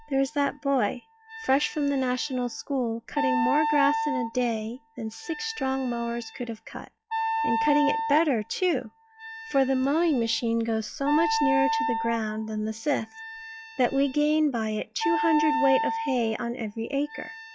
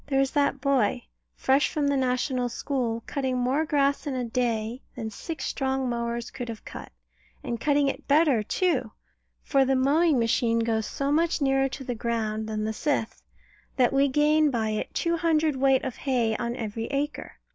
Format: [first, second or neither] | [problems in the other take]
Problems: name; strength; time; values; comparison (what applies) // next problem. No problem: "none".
second | noise reduction (classical method log-MMSE)